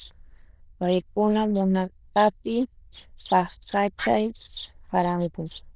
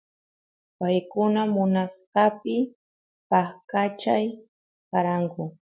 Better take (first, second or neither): second